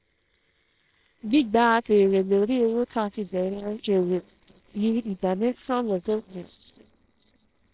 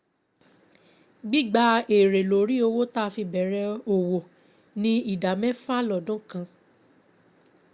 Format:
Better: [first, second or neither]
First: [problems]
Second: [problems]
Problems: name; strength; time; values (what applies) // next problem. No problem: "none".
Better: second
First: noise reduction (neural separator model SepFormer WHAMR!)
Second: none